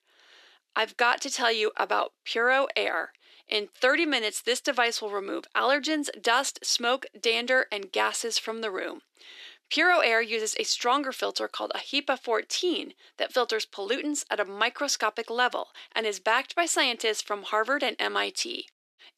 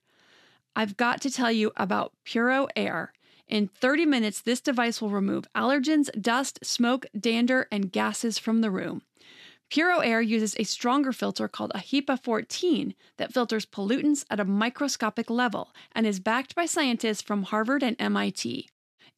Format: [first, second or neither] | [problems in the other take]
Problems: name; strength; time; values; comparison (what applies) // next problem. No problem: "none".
second | thin; very; fading below 350 Hz